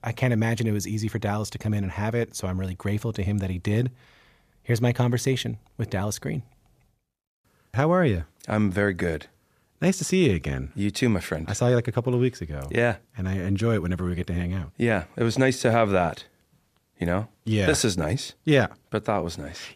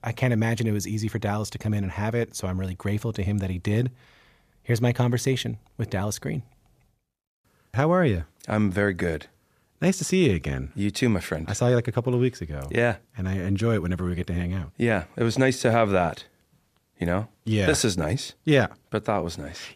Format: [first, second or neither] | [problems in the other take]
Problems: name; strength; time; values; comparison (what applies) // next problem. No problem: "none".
neither | none